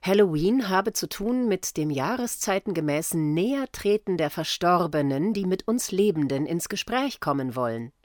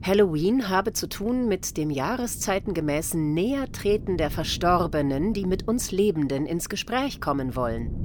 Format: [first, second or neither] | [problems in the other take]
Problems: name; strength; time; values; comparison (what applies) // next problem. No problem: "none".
first | wind noise on the microphone; occasional gusts; 25 dB below the speech